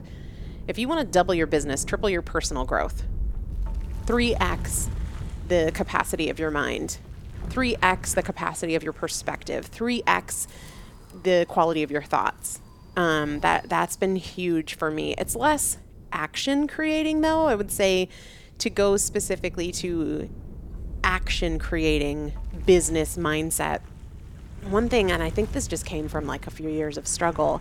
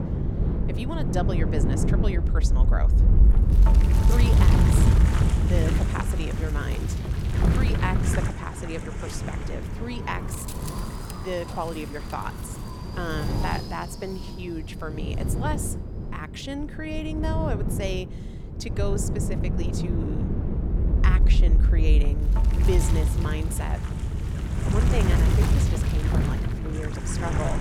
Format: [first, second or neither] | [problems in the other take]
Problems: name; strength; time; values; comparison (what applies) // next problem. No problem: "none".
first | wind noise on the microphone; heavy; 1 dB below the speech; occasional gusts in the first